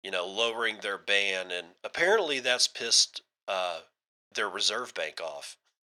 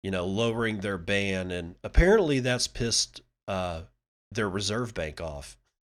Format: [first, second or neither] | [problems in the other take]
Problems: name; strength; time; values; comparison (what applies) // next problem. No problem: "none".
second | thin; very; fading below 650 Hz